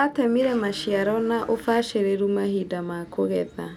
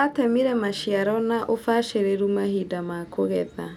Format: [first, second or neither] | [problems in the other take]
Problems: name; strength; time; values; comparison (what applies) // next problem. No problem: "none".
second | background sound (Domestic sounds, home sounds); 18 dB below the speech